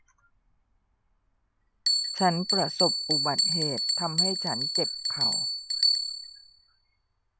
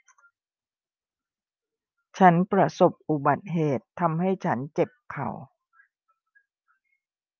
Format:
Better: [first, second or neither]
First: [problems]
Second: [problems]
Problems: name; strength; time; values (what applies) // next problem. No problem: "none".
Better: second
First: background sound (Bell); 4 dB above the speech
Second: none